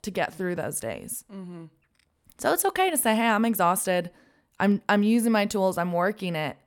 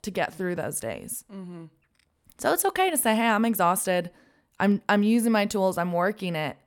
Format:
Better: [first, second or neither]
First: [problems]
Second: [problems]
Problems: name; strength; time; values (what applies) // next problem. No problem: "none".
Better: neither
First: none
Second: none